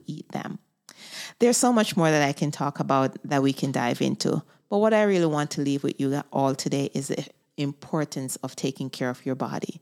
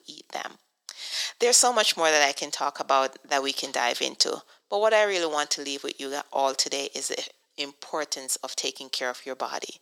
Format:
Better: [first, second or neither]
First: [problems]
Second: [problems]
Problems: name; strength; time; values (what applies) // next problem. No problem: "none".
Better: first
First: none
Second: thin; very; fading below 500 Hz